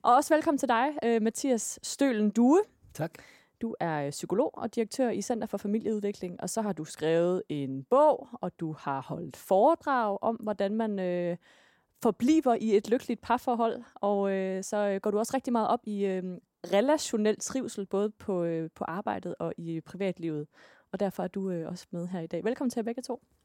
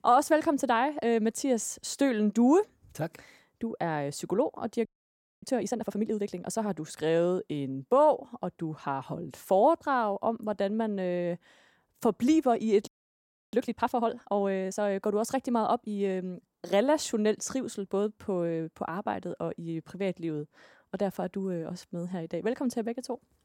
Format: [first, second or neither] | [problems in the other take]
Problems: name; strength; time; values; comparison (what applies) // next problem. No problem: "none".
first | audio freezing; at 5 s for 0.5 s and at 13 s for 0.5 s